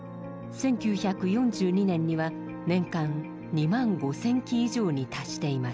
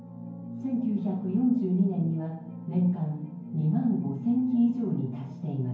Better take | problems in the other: first | room echo; dies away in 0.9 s

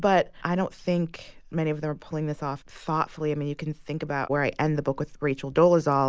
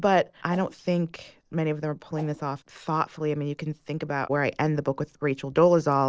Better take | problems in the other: first | noise reduction (neural separator model SepFormer DNS4)

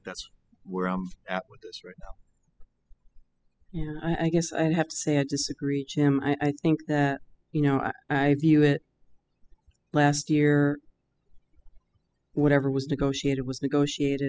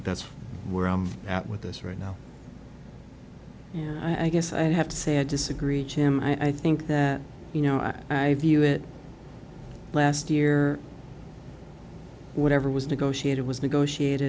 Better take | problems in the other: second | noise reduction (classical method spectral subtraction)

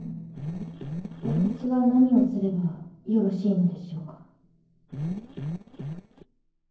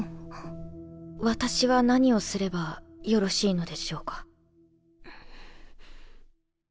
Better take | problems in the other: second | noise reduction (neural separator model SepFormer DNS4)

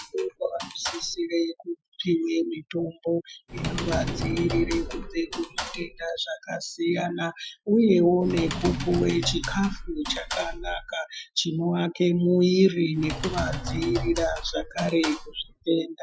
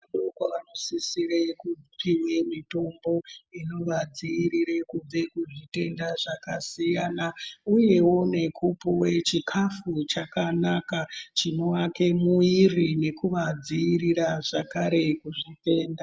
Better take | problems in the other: second | noise reduction (classical method Wiener filter)

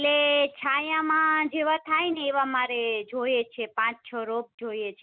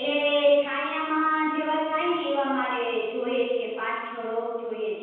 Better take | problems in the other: first | room echo; dies away in 1.2 s

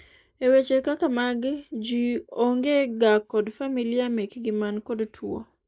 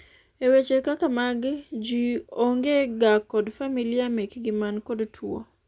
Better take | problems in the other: second | noise reduction (neural mask model Resemble Enhance denoiser)

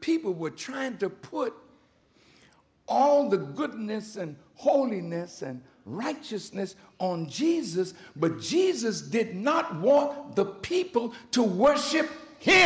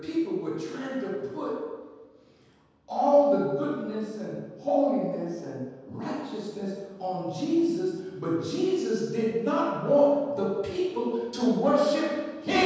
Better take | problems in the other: first | room echo; dies away in 1.2 s

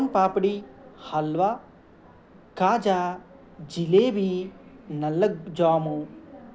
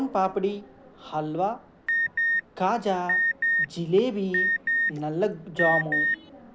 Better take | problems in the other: first | background sound (Alarm); as loud as the speech

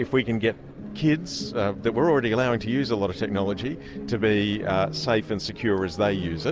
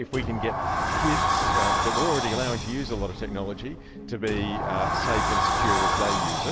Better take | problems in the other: first | background sound (Sliding door); 4 dB above the speech

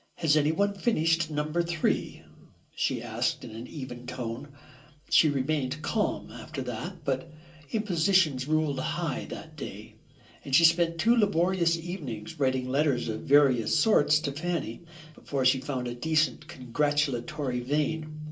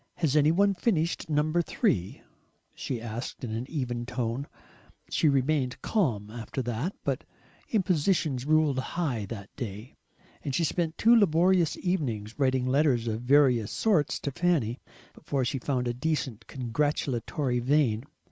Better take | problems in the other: second | room echo; dies away in 0.2 s

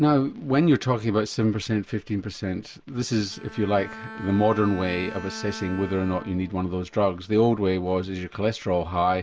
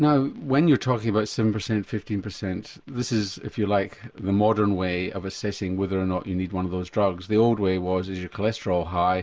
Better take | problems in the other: second | background sound (Bowed string instrument); 19 dB below the speech

